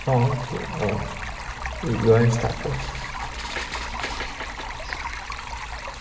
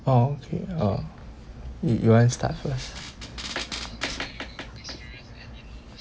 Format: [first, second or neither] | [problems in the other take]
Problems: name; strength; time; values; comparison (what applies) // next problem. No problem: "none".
second | background sound (Stream); 8 dB below the speech // room echo; dies away in 1.9 s